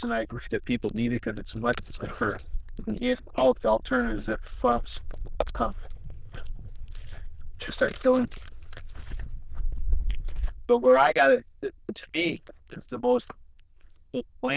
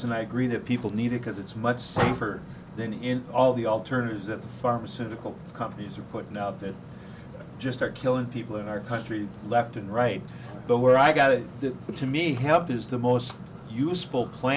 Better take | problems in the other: second | noise reduction (neural diffusion model UNIVERSE++)

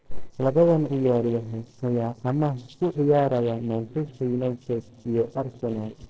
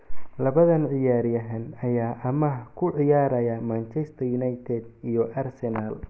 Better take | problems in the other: second | noise reduction (neural separator model SepFormer DNS4)

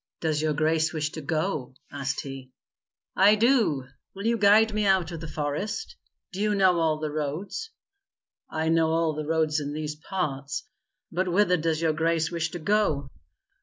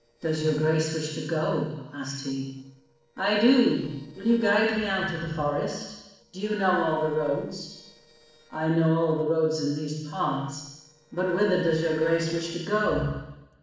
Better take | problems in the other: first | noise reduction (neural separator model SepFormer DNS4)

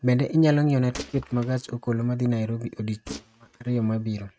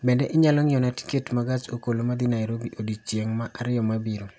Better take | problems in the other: second | noise reduction (neural mask model RNNoise)

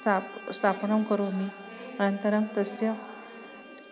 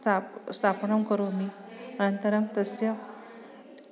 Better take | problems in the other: second | background sound (Bowed string instrument); 19 dB below the speech

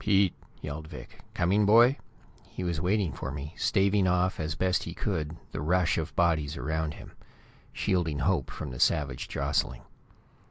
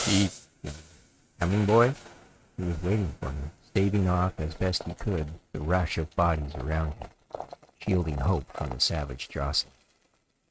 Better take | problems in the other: first | noise reduction (neural mask model RNNoise)

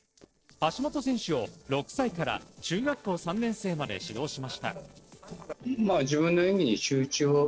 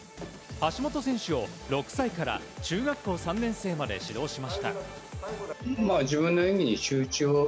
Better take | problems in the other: second | noise reduction (neural separator model SepFormer DNS4)

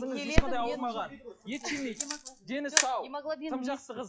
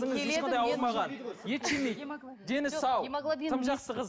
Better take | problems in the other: second | noise reduction (classical method log-MMSE)

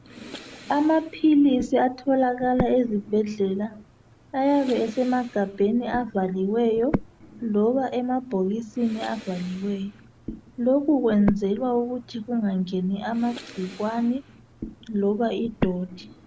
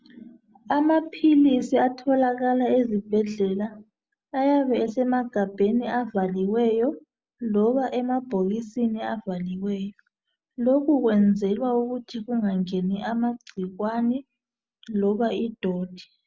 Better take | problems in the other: second | background sound (Breathing); 13 dB below the speech

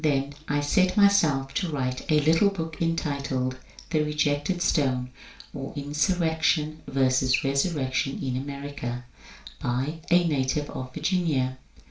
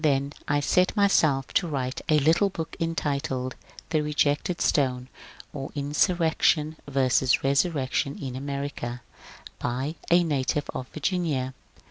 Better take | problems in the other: second | room echo; dies away in 0.3 s

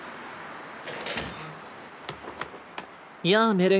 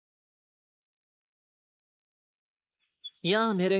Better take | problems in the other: first | noise reduction (neural mask model Resemble Enhance denoiser)

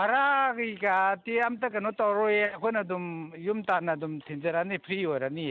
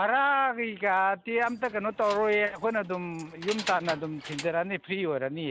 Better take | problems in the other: first | background sound (Keys jangling); 15 dB below the speech

